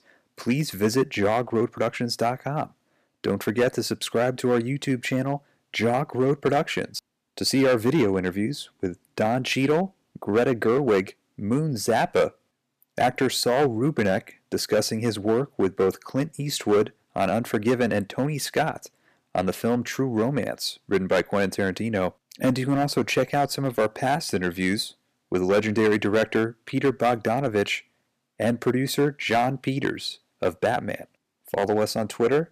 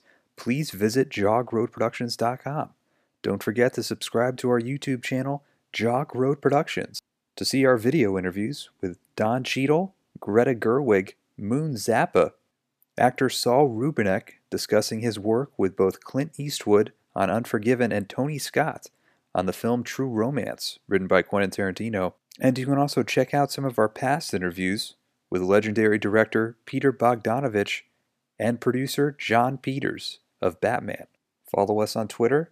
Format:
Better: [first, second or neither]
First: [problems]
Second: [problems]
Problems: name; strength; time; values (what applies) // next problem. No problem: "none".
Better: second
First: distortion; slight; 5% of the sound clipped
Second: none